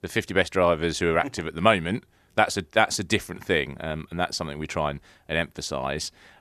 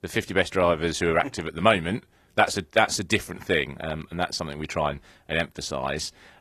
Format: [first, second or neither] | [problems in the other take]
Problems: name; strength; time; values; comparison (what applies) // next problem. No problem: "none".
first | garbled, watery; slightly; nothing above 14 kHz